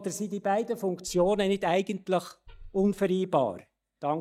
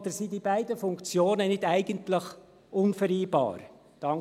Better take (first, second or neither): second